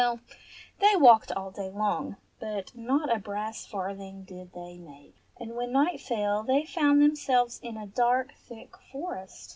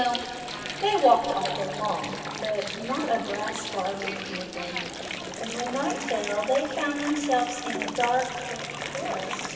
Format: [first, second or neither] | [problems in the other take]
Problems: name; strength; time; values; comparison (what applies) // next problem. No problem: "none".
first | background sound (Water); 7 dB below the speech // room echo; dies away in 2.6 s